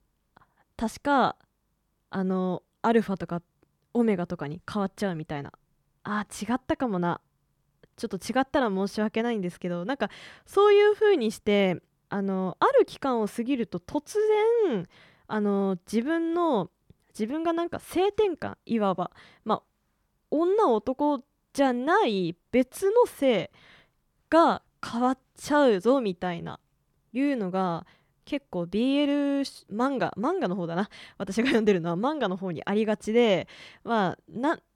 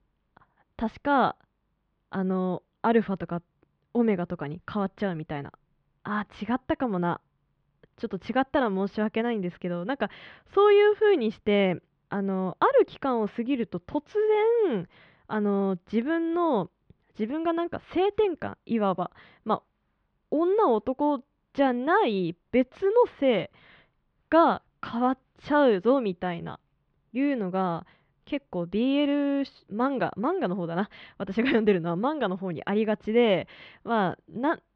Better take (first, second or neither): first